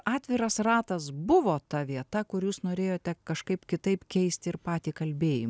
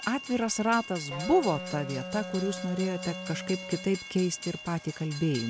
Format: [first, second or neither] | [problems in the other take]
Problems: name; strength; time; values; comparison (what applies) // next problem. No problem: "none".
first | background sound (Train + Wind instrument, woodwind instrument); 10 dB below the speech